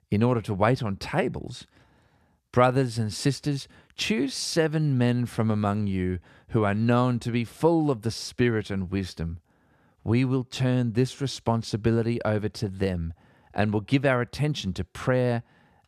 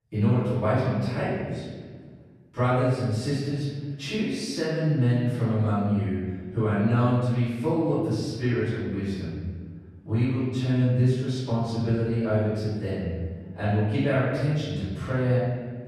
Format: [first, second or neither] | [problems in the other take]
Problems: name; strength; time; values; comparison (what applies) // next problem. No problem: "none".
first | off-mic speech; far // room echo; strong; dies away in 1.7 s